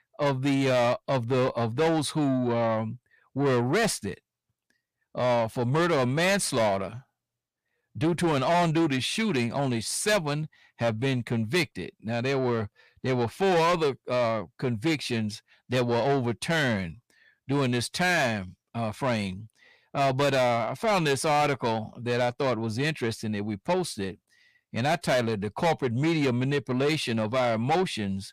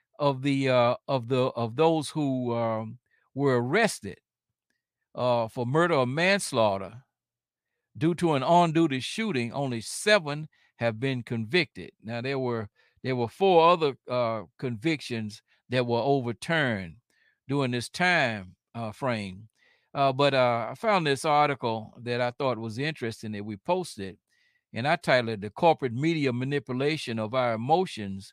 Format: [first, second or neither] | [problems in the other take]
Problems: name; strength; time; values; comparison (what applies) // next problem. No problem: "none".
second | distortion; heavy; 7 dB below the speech